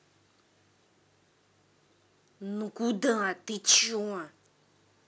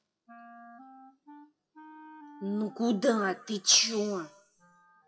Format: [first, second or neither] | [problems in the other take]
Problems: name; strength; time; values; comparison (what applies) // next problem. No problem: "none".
first | noise reduction (classical method WPE with log-MMSE)